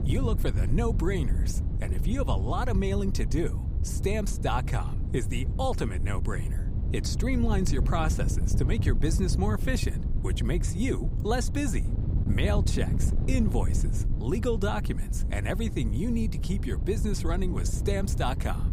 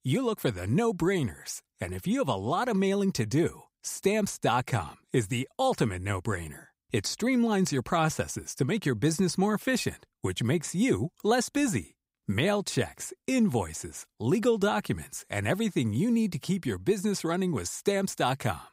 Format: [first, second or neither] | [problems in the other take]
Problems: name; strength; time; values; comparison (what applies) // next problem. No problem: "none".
second | wind noise on the microphone; heavy; 9 dB below the speech